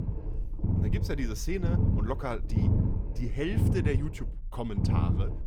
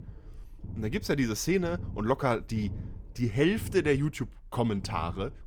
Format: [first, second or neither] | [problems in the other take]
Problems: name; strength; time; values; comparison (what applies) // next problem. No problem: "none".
second | low rumble; loud; throughout; 3 dB below the speech; faint in the second